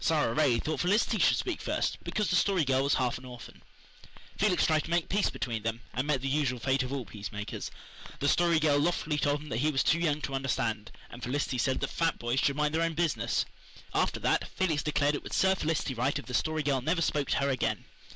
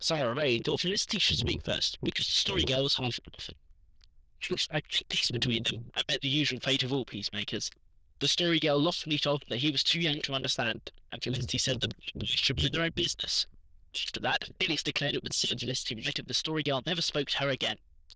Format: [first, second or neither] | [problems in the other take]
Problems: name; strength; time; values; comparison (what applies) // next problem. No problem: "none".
first | noise reduction (neural diffusion model UNIVERSE++)